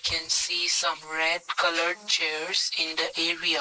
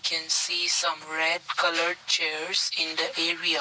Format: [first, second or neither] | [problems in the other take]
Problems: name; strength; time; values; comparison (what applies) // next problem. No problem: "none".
second | noise reduction (neural mask model Resemble Enhance denoiser)